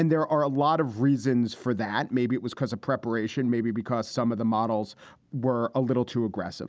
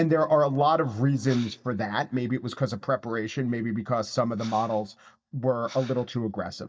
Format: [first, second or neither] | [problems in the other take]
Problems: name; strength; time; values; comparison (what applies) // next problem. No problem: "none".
first | noise reduction (neural mask model DeepFilterNet 3)